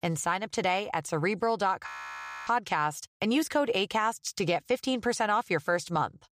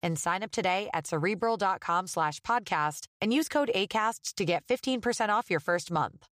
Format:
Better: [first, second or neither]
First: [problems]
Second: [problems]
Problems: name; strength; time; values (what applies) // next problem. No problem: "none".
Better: second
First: audio freezing; at 2 s for 0.5 s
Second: none